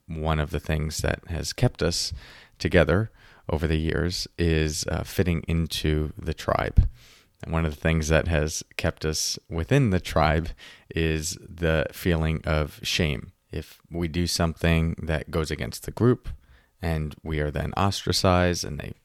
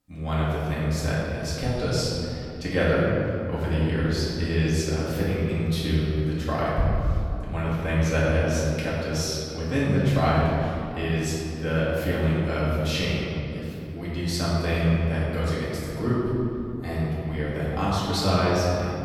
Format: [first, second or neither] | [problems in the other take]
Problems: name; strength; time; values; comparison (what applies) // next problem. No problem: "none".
first | off-mic speech; far // room echo; strong; dies away in 2.6 s